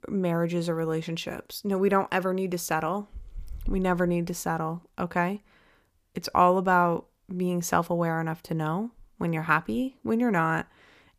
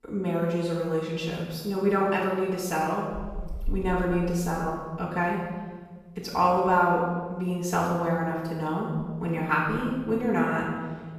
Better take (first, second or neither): first